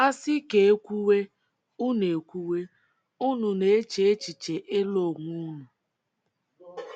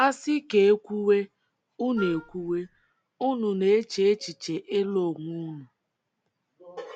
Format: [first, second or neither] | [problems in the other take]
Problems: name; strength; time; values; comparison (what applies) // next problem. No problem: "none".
first | background sound (Wind instrument, woodwind instrument); 15 dB below the speech